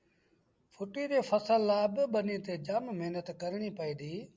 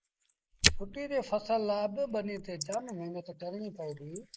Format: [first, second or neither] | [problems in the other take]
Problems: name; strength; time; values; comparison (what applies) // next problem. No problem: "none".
first | noise reduction (neural mask model Resemble Enhance denoiser)